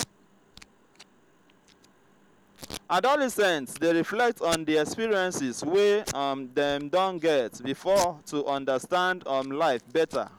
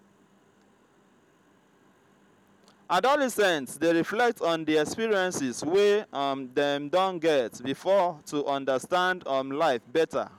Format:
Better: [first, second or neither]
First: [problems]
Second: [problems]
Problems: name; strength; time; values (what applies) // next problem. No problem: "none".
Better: second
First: background sound (Packing tape, duct tape); 17 dB below the speech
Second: none